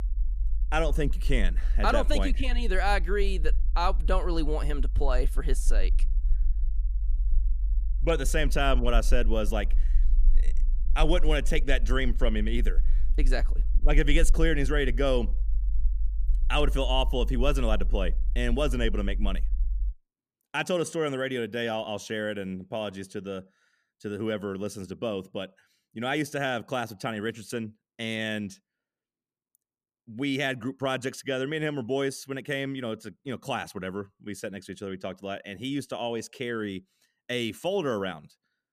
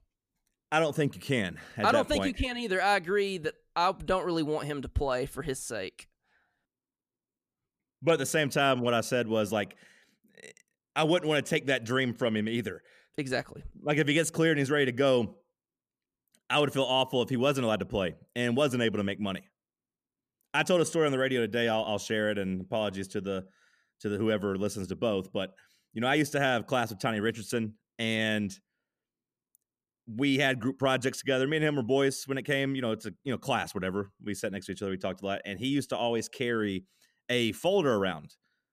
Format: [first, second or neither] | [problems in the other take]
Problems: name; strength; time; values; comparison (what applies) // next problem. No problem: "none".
second | low rumble; faint; until 20 s; 25 dB below the speech